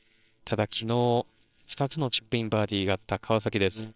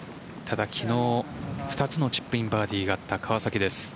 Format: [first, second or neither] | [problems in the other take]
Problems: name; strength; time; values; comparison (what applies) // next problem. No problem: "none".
second | noise reduction (neural separator model SepFormer WHAMR!)